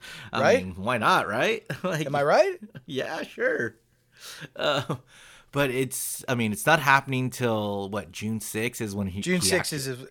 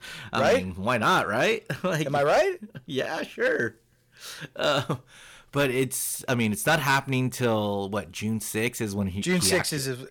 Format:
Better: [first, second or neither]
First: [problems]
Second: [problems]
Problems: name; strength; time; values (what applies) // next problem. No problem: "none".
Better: first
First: none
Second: distortion; slight; 3% of the sound clipped